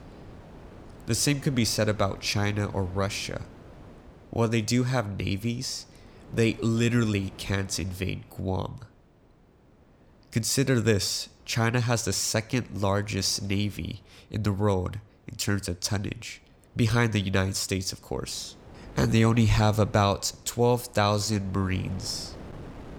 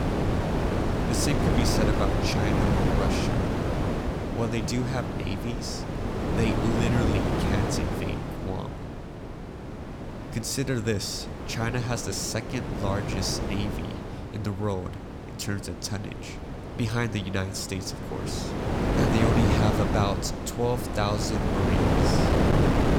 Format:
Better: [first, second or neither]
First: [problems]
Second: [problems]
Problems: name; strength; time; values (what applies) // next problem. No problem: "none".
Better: first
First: wind noise on the microphone; occasional gusts; 25 dB below the speech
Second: wind noise on the microphone; heavy; 2 dB above the speech